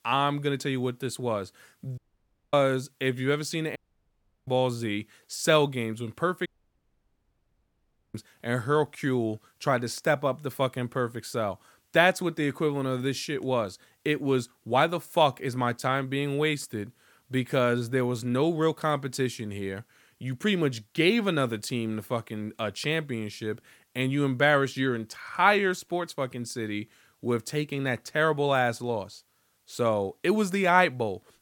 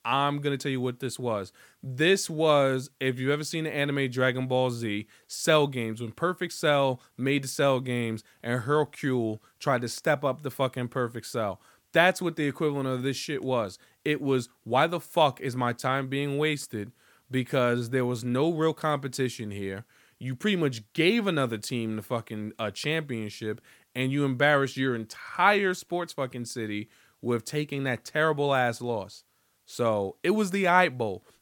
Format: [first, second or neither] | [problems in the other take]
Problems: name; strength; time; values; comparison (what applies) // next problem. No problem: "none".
second | audio cutting out; at 2 s for 0.5 s, at 4 s for 0.5 s and at 6.5 s for 1.5 s